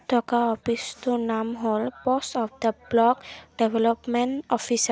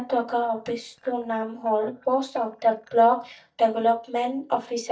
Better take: first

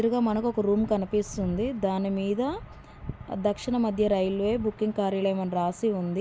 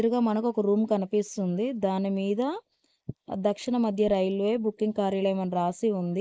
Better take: first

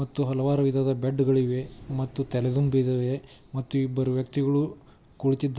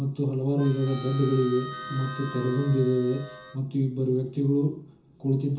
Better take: first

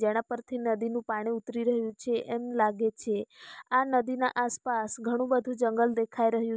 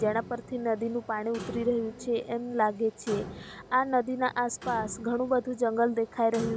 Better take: first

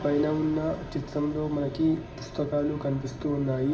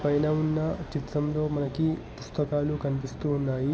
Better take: second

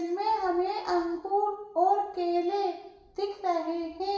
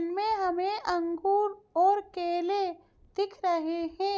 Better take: second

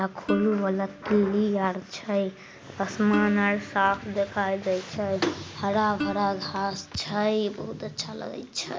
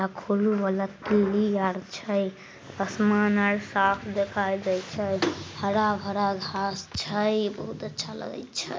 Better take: second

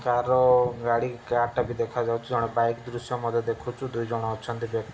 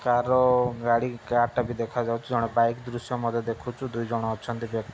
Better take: second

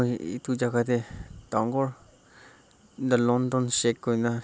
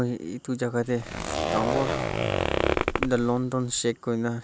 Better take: first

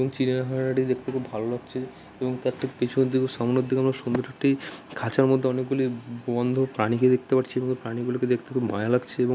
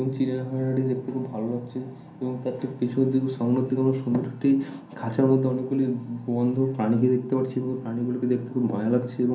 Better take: first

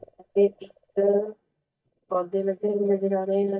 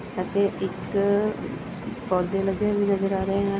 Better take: second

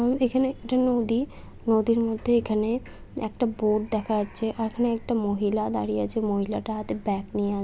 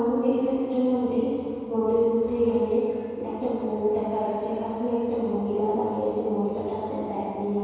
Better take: first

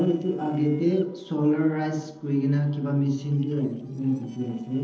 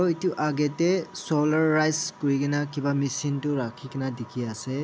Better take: second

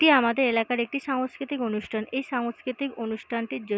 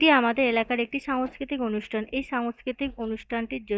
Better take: first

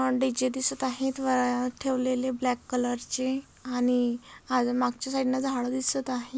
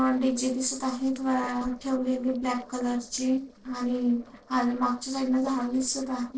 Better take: first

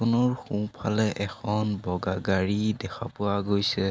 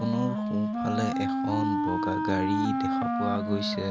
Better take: first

